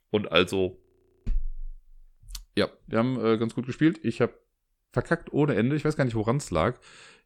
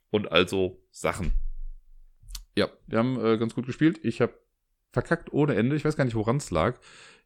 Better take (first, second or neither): second